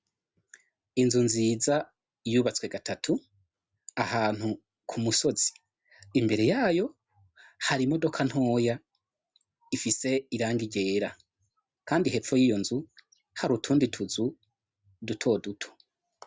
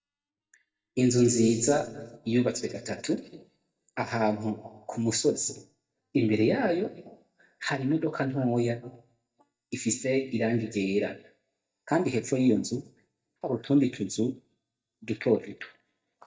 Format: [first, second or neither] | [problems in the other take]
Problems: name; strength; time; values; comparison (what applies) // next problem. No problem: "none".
first | noise reduction (neural mask model DeepFilterNet 3)